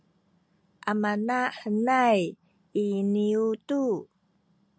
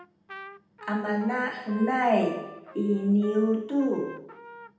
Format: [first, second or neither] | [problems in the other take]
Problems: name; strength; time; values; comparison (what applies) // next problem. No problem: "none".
first | background sound (Trumpet); 18 dB below the speech // room echo; dies away in 0.8 s